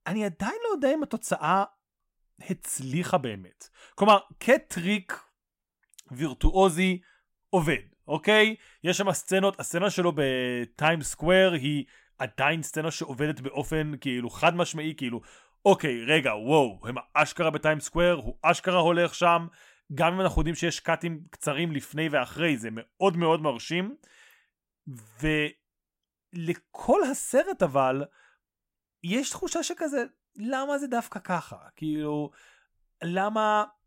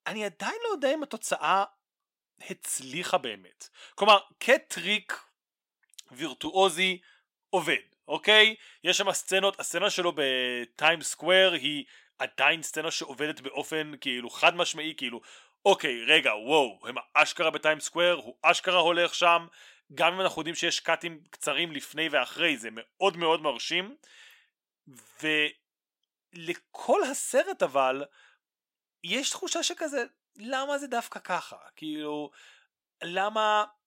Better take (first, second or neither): first